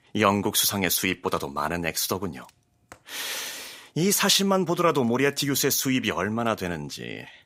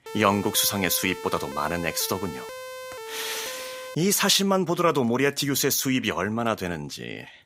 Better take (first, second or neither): first